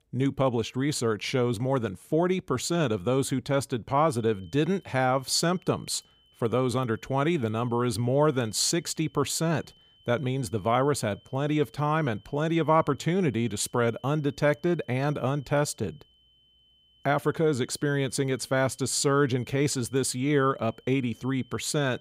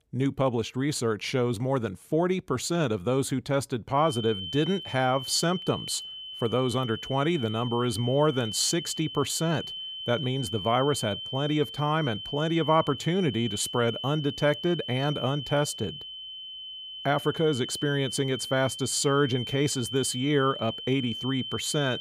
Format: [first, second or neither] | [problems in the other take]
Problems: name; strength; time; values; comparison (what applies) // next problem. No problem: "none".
first | high-pitched whine; loud; from 4 s on; 3 kHz, 8 dB below the speech; faint in the first